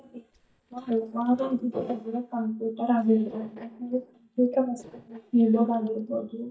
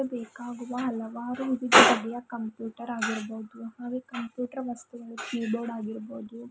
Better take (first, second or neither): second